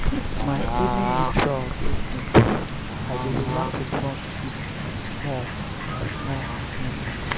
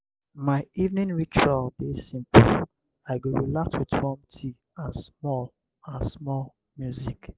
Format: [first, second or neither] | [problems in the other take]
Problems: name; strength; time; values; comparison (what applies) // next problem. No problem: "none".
second | background sound (Bird / Fowl); 1 dB above the speech